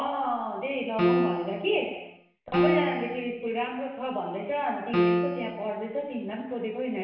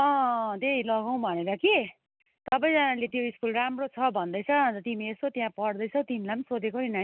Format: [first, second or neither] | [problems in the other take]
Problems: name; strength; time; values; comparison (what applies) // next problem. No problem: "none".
second | background sound (Piano); 2 dB above the speech // room echo; dies away in 0.8 s